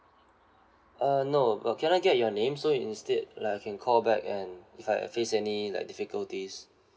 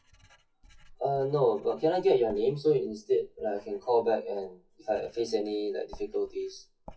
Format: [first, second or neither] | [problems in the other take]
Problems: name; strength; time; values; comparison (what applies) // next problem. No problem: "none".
first | noise reduction (classical method WPE with log-MMSE)